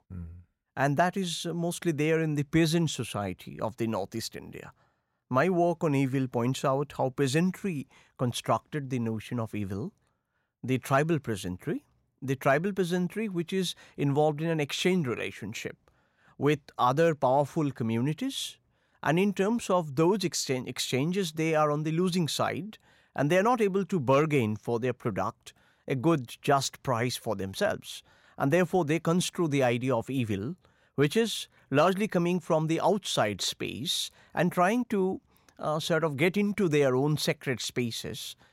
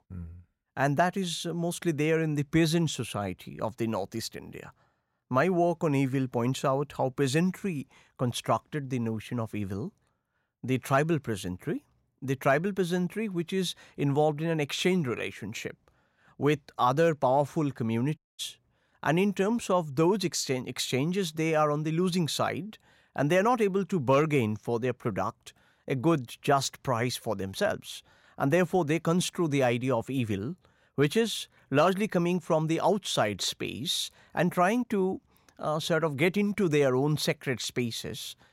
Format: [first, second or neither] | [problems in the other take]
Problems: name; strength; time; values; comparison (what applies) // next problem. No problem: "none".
first | audio cutting out; at 18 s